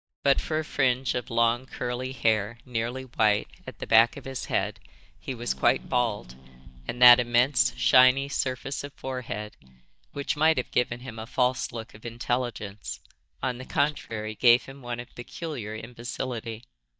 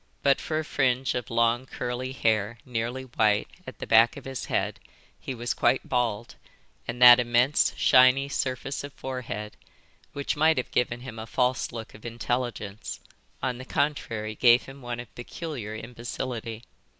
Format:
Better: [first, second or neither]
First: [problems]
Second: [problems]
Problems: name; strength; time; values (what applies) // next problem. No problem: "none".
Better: second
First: noise reduction (neural mask model DeepFilterNet 3)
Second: none